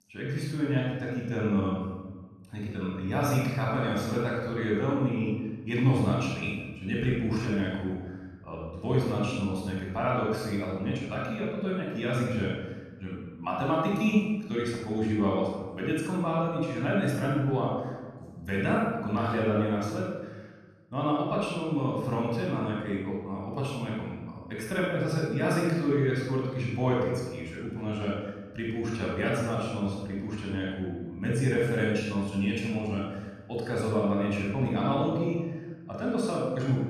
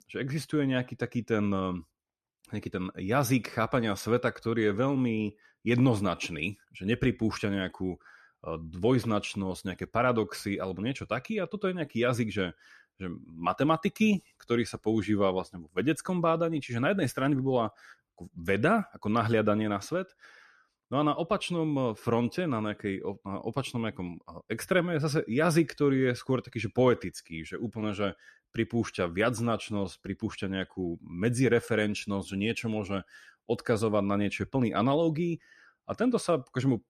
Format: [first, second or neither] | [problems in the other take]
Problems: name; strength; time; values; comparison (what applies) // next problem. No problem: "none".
second | off-mic speech; far // room echo; strong; dies away in 1.1 s